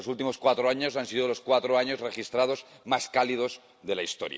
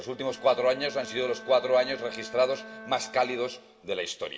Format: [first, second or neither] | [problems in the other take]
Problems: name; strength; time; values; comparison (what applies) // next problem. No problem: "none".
first | background sound (Bowed string instrument); 17 dB below the speech // room echo; dies away in 0.7 s